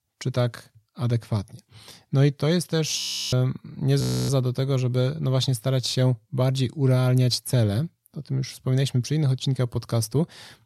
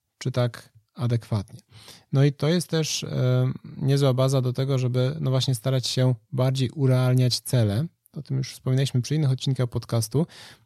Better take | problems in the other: second | audio freezing; at 3 s and at 4 s

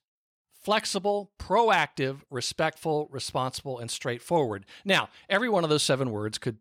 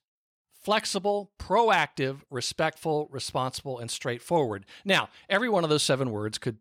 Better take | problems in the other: neither | none

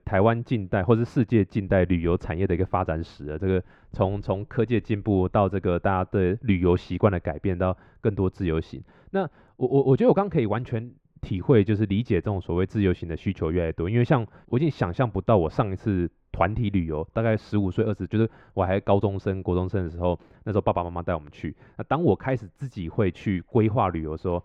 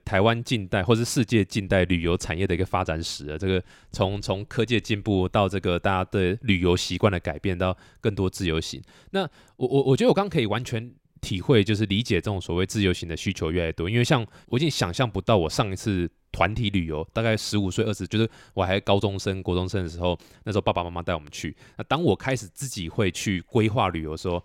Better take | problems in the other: second | muffled; very; fading above 3.5 kHz

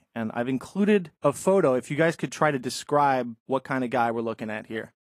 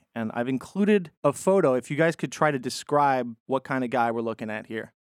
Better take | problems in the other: second | garbled, watery; slightly

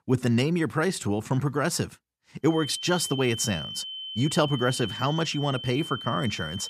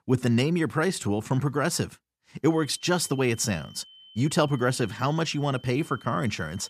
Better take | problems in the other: second | high-pitched whine; loud; from 2.5 s on; 3 kHz, 8 dB below the speech; faint in the second

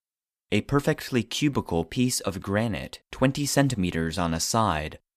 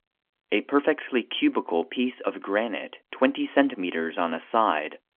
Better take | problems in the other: first | phone-call audio; nothing above 3.5 kHz

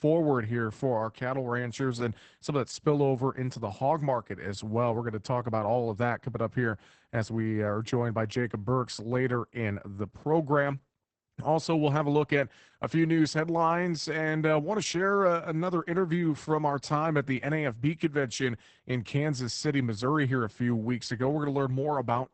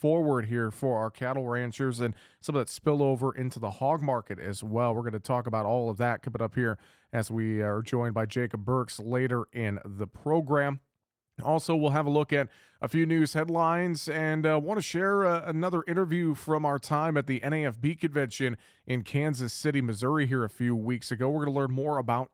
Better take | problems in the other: second | garbled, watery; badly; nothing above 8 kHz; slightly in the second

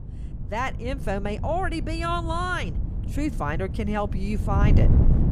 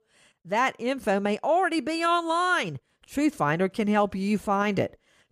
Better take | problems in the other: second | wind noise on the microphone; occasional gusts; 10 dB below the speech

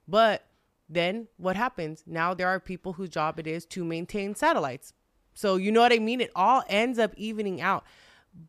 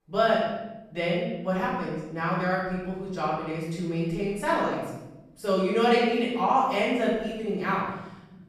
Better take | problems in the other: first | off-mic speech; far // room echo; strong; dies away in 1.1 s

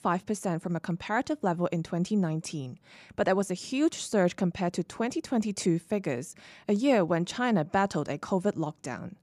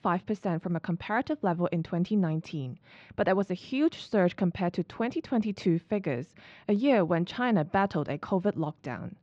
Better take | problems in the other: first | muffled; slightly; fading above 4 kHz

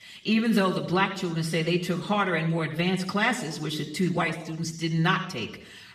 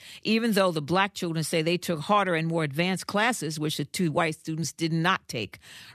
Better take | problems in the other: second | room echo; slight; dies away in 0.8 s // off-mic speech; somewhat distant

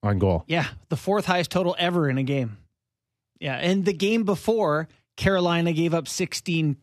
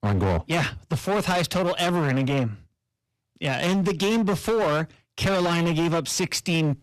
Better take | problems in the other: first | distortion; heavy; 23% of the sound clipped

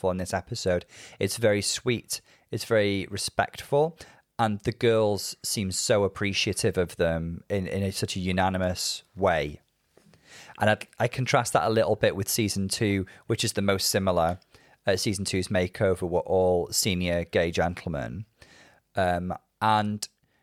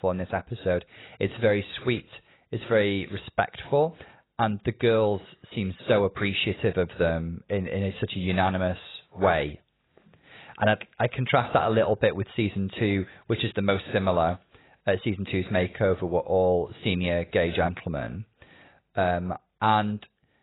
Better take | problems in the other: first | garbled, watery; badly; nothing above 4 kHz

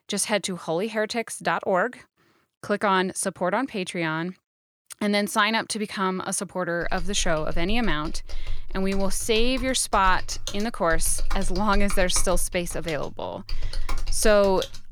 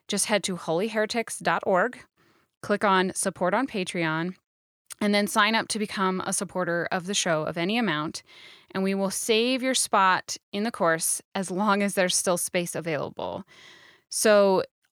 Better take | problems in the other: second | keyboard typing; noticeable; from 7 s on; peak 8 dB below the speech

